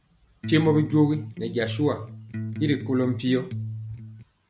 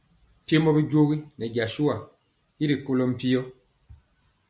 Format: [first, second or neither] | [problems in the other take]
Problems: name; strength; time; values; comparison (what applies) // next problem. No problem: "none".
second | background sound (Electric guitar); 8 dB below the speech